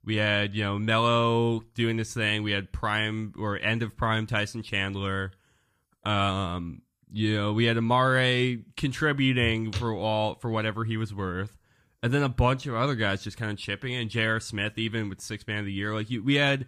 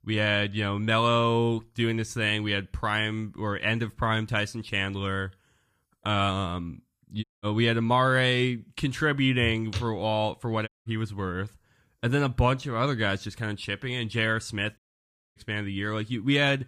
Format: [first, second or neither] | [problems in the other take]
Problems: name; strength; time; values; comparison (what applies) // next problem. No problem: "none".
first | audio cutting out; at 7 s, at 11 s and at 15 s for 0.5 s